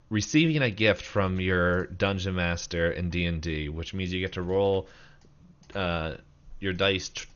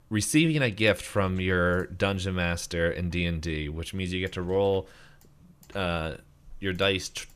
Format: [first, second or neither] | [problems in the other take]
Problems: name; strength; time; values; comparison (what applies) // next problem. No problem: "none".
second | garbled, watery; slightly; nothing above 6.5 kHz